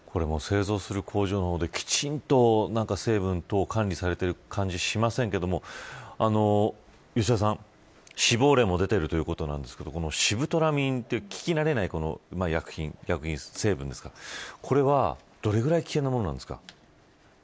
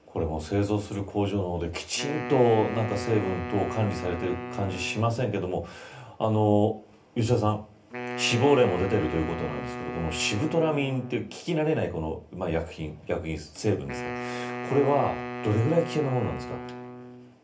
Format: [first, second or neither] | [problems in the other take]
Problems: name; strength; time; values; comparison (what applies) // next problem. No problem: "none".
first | background sound (Wind instrument, woodwind instrument); 10 dB below the speech // room echo; dies away in 0.3 s